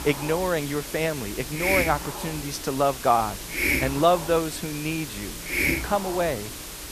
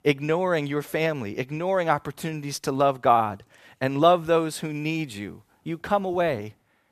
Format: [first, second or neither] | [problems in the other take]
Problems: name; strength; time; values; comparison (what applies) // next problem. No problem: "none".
second | hiss; loud; throughout; 3 dB below the speech